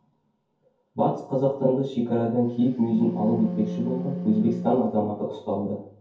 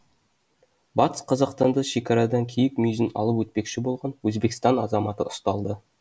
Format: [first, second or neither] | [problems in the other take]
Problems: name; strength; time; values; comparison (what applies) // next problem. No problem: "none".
second | background sound (Wind instrument, woodwind instrument); 8 dB below the speech // room echo; dies away in 0.6 s